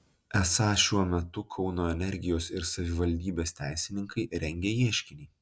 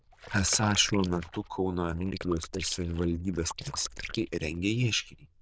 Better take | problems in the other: first | noise reduction (neural diffusion model UNIVERSE++)

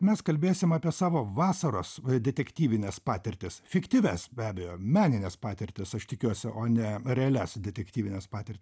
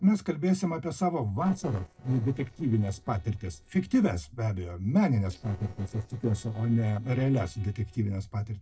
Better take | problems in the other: first | noise reduction (neural separator model SepFormer DNS4)

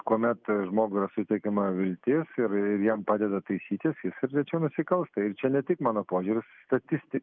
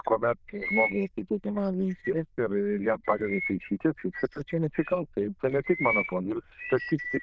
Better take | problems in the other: first | noise reduction (neural diffusion model UNIVERSE++)

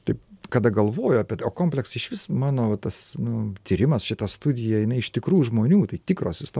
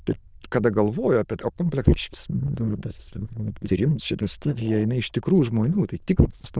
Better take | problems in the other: first | noise reduction (neural diffusion model UNIVERSE++)

